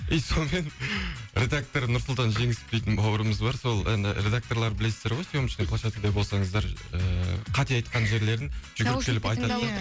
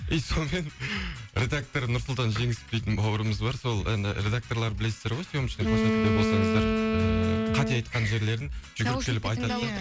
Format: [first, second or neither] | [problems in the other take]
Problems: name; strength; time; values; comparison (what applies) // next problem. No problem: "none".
first | background sound (Wind instrument, woodwind instrument); as loud as the speech